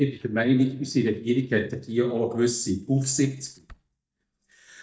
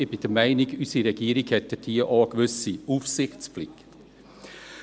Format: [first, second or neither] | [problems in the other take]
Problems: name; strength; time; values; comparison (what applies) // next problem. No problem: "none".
second | noise reduction (neural mask model DeepFilterNet 3)